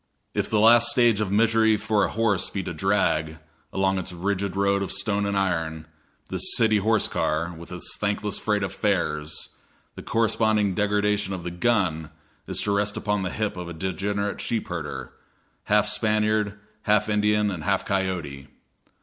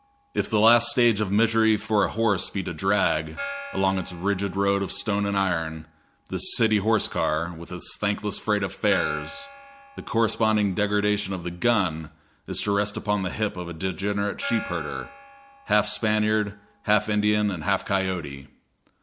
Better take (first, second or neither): first